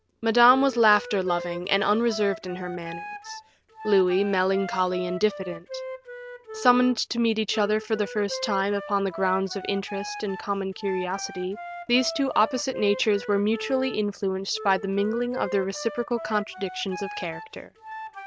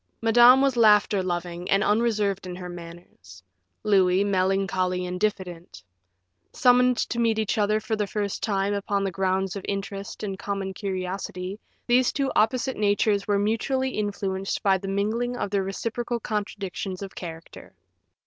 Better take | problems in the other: second | background sound (Wind instrument, woodwind instrument); 12 dB below the speech

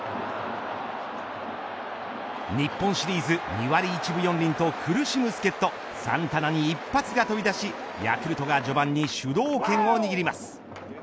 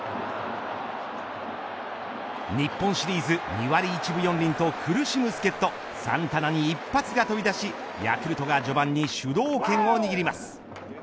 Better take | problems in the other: first | background sound (Burping, eructation); 17 dB below the speech

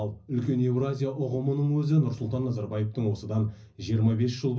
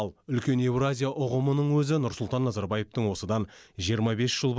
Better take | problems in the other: second | room echo; dies away in 0.4 s

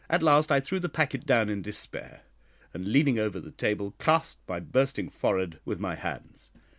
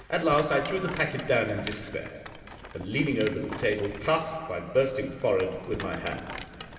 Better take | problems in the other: first | background sound (Rattle); 14 dB below the speech // room echo; dies away in 2.5 s

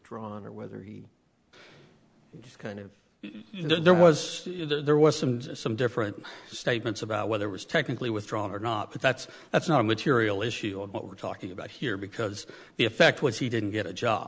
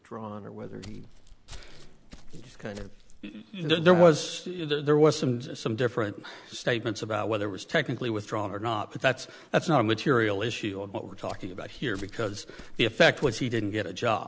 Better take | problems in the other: first | background sound (Walk, footsteps); 15 dB below the speech

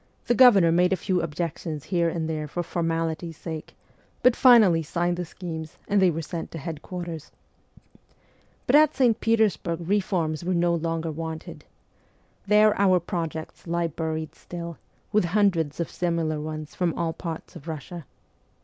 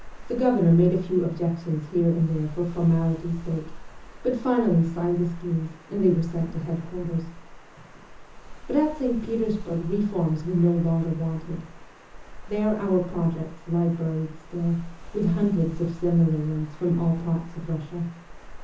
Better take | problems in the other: first | background sound (Water); 14 dB below the speech // room echo; dies away in 0.6 s

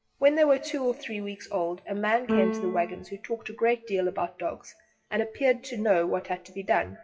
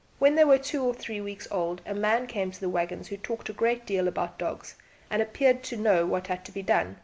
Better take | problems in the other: second | noise reduction (classical method WPE with log-MMSE)

